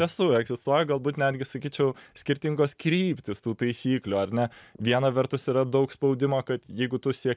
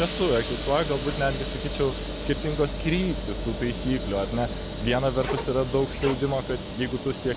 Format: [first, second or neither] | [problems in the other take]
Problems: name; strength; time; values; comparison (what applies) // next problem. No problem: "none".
first | background sound (Sliding door / Hiss); 5 dB below the speech